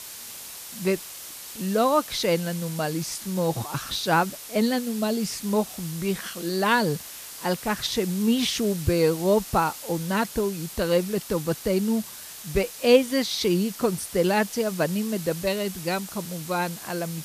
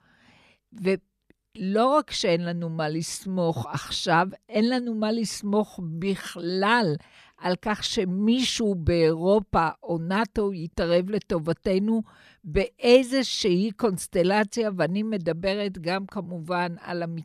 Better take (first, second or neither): second